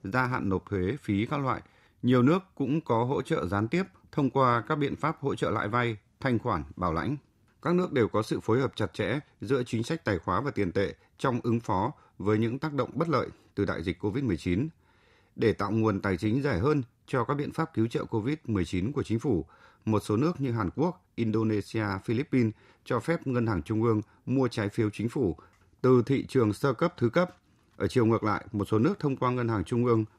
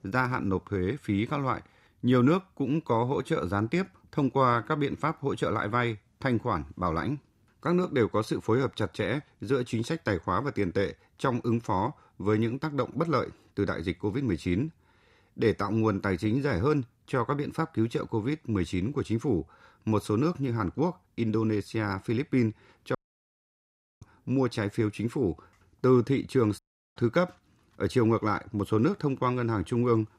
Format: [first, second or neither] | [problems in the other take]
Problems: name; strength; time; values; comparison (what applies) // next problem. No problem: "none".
first | audio cutting out; at 23 s for 1 s and at 27 s